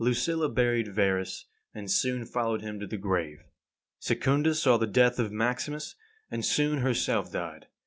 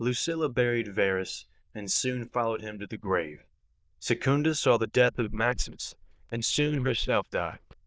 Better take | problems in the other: first | noise reduction (neural diffusion model UNIVERSE++)

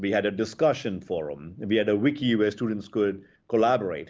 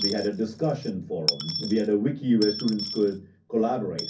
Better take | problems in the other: first | background sound (Coin (dropping) / Dishes, pots, and pans); 9 dB below the speech // room echo; dies away in 0.3 s

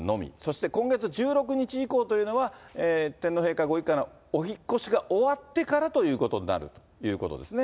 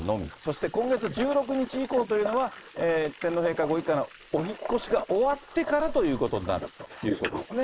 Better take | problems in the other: first | noise reduction (neural mask model Resemble Enhance denoiser)

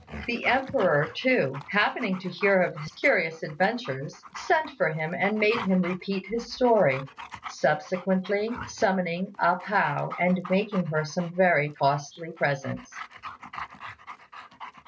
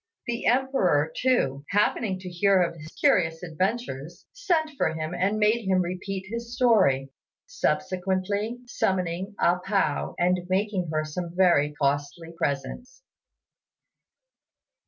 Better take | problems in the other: second | background sound (Dog); 16 dB below the speech

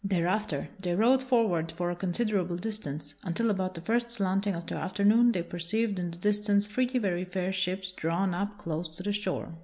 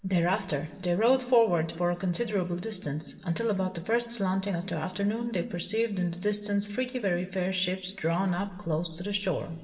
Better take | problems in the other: first | room echo; dies away in 2 s

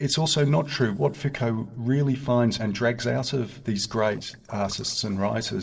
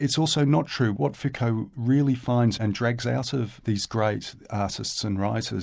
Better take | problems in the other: second | noise reduction (neural separator model SepFormer DNS4)

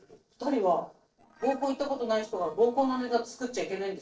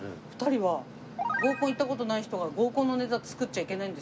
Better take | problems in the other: second | noise reduction (neural separator model SepFormer DNS4)

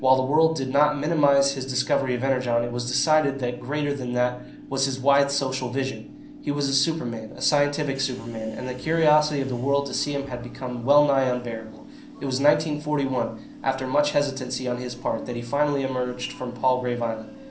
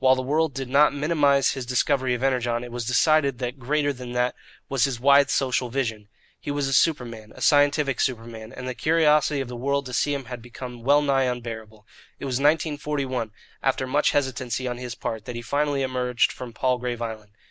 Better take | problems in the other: second | background sound (Subway, metro, underground / Train); 17 dB below the speech // room echo; dies away in 0.6 s

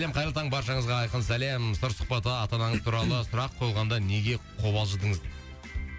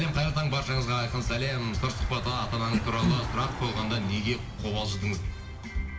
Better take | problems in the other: first | background sound (Engine / Car); 14 dB below the speech // room echo; dies away in 1.5 s

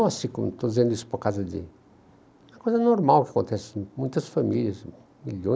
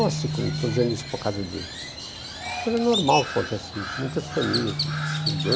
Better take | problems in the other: first | background sound (Crow); 3 dB below the speech

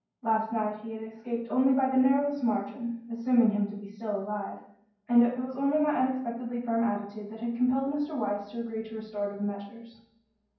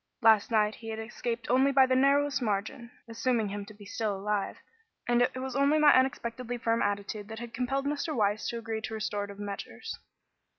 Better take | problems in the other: second | room echo; dies away in 0.9 s

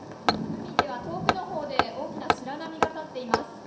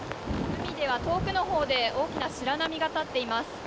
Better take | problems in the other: second | background sound (Hammer); 4 dB above the speech // room echo; dies away in 0.7 s

